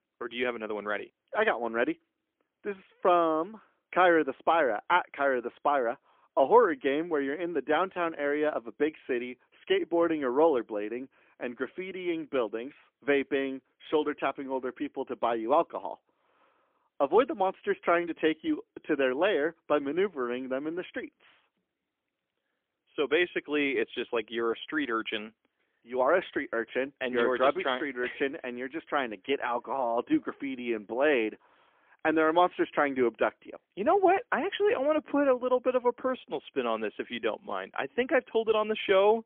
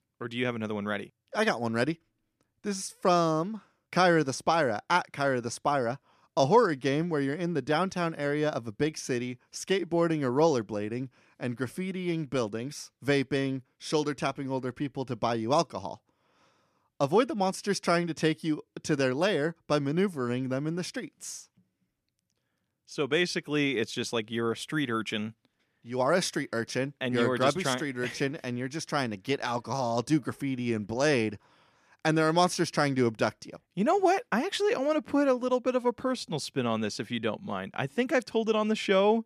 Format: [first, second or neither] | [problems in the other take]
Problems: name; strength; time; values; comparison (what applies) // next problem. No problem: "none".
second | phone-call audio; poor line; nothing above 3.5 kHz